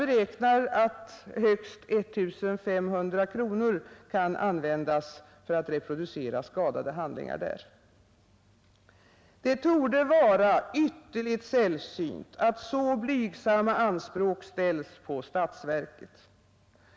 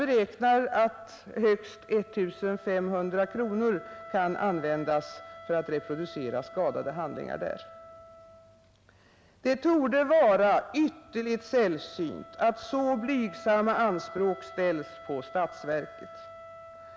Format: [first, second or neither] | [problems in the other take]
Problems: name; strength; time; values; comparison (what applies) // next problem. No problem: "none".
first | background sound (Wind instrument, woodwind instrument); 19 dB below the speech